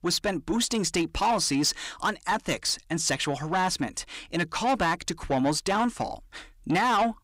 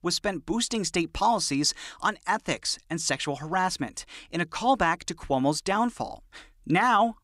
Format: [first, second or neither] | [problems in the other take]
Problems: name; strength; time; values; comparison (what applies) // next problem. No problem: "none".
second | distortion; slight; 10 dB below the speech